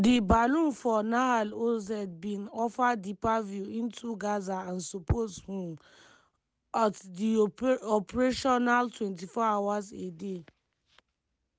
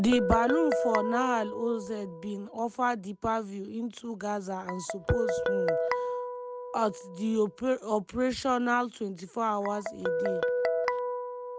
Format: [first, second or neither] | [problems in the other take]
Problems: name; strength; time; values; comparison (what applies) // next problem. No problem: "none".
first | background sound (Guitar); 2 dB below the speech